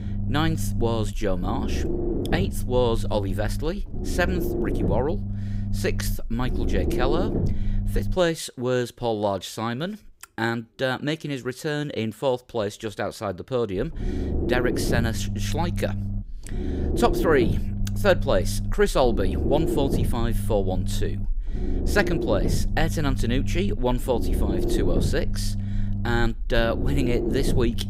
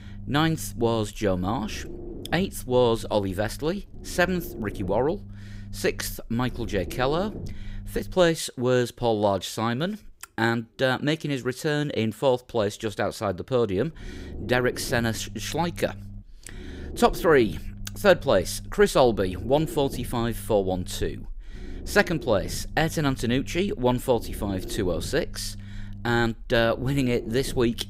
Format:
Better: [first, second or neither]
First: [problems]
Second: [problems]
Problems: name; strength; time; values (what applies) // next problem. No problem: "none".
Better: second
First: low rumble; loud; until 8 s and from 14 s on; 7 dB below the speech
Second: low rumble; faint; until 8 s and from 14 s on; 20 dB below the speech